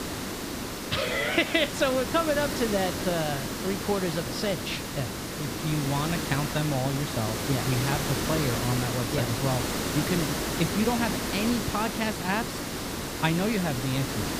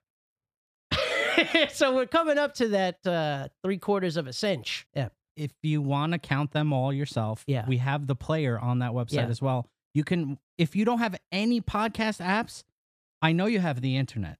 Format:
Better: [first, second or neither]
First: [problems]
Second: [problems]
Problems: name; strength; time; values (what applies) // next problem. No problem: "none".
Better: second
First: hiss; loud; throughout; 2 dB below the speech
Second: none